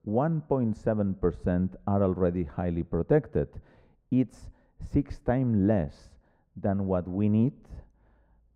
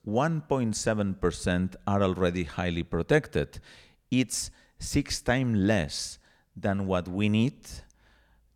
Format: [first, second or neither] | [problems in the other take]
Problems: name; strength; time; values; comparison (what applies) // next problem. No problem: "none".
second | muffled; very; fading above 2 kHz